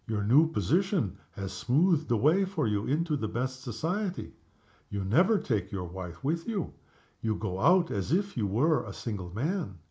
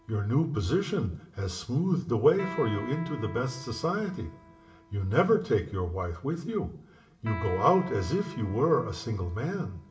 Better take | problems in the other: first | background sound (Electric guitar); 17 dB below the speech // room echo; dies away in 0.8 s

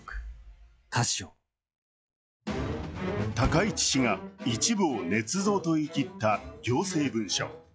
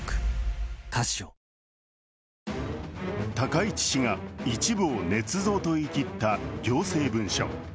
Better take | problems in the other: second | noise reduction (classical method log-MMSE)

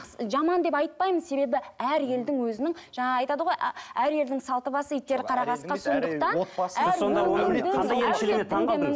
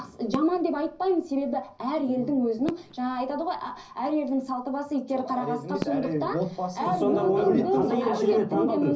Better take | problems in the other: first | background sound (Fireworks); 19 dB below the speech // room echo; dies away in 0.5 s

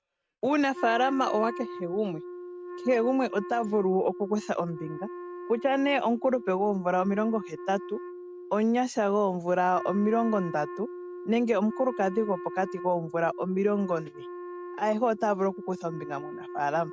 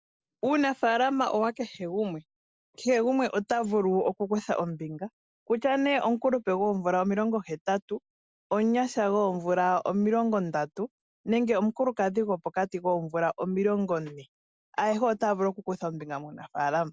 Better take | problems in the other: second | noise reduction (neural mask model RNNoise)

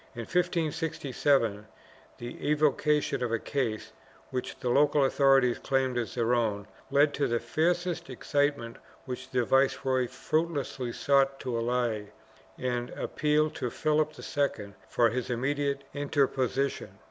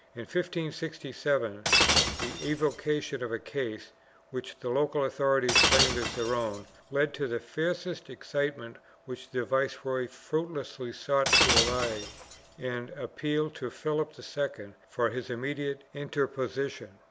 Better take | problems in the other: first | background sound (Shatter); 3 dB above the speech

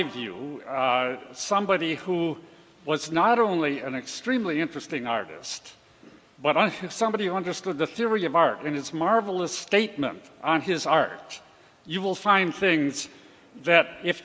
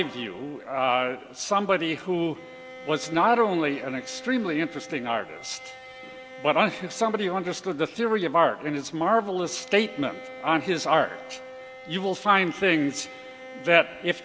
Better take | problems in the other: first | background sound (Bowed string instrument); 18 dB below the speech

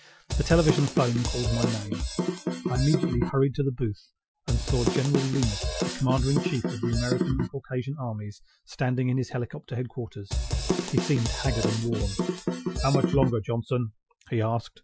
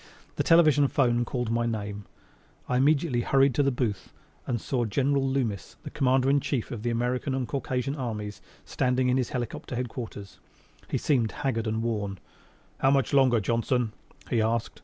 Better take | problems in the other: second | noise reduction (classical method Wiener filter)

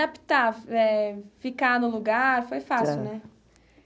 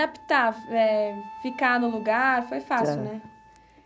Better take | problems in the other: first | background sound (Wind instrument, woodwind instrument); 18 dB below the speech

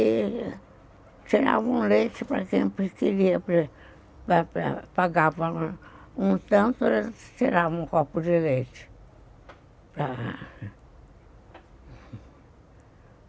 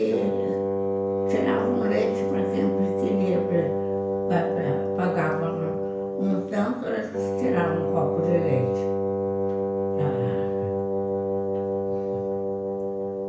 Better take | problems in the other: first | background sound (Wind instrument, woodwind instrument); 3 dB above the speech // room echo; dies away in 0.5 s

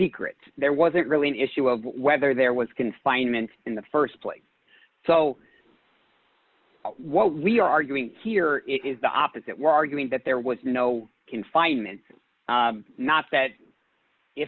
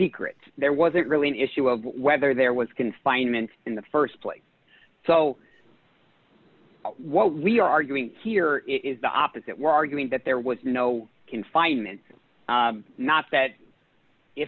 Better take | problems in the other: second | noise reduction (neural mask model Resemble Enhance denoiser)

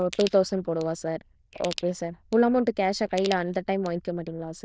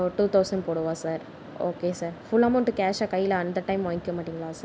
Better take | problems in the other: second | noise reduction (neural diffusion model UNIVERSE++)

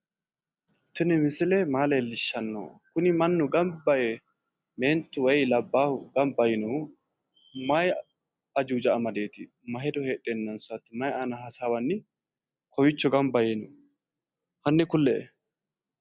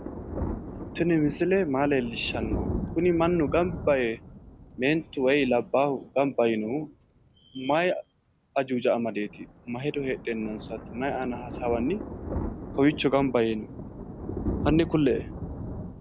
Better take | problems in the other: first | background sound (Thunder); 9 dB below the speech

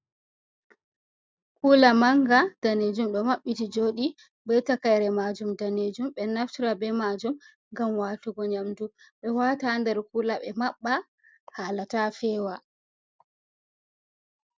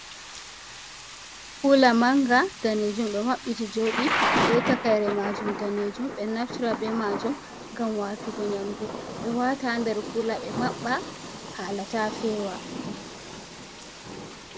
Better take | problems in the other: first | background sound (Thunder / Rain); 6 dB below the speech

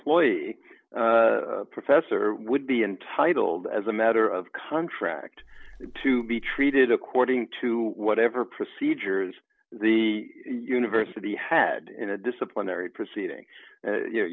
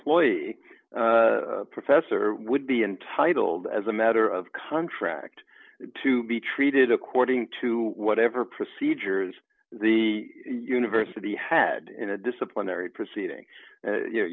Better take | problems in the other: second | background sound (Wind); 17 dB below the speech

